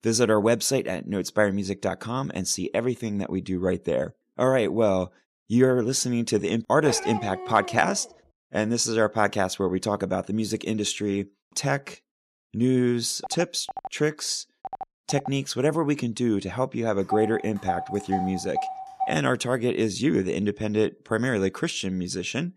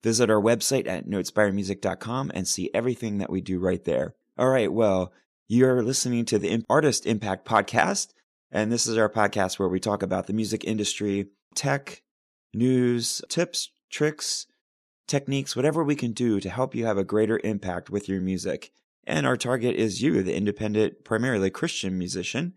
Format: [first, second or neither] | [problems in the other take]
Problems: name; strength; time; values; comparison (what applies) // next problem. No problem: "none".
second | dog barking; noticeable; from 7 to 8 s; peak 5 dB below the speech // phone ringing; faint; from 13 to 15 s; peak 10 dB below the speech // phone ringing; noticeable; from 17 to 19 s; peak 6 dB below the speech